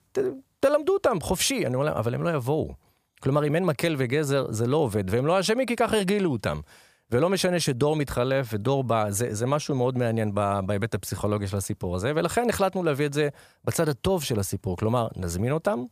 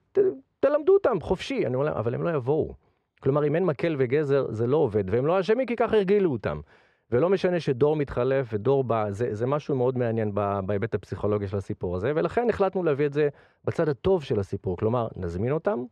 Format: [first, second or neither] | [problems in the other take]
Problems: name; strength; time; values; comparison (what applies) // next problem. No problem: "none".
first | muffled; very; fading above 2.5 kHz